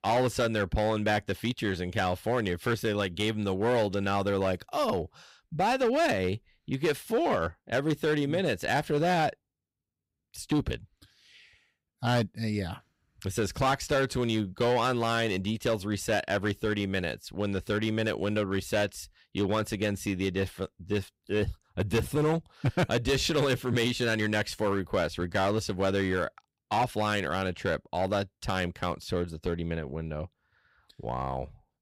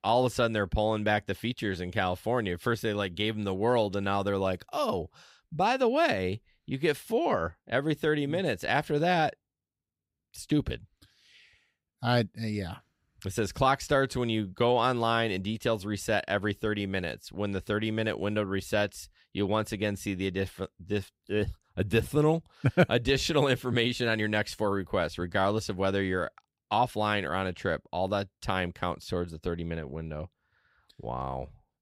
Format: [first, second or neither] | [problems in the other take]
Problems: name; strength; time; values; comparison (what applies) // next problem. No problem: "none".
second | distortion; slight; 6% of the sound clipped